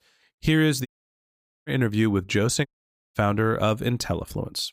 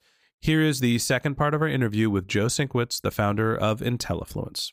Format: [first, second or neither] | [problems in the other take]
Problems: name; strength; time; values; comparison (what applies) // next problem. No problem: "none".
second | audio cutting out; at 1 s for 1 s and at 2.5 s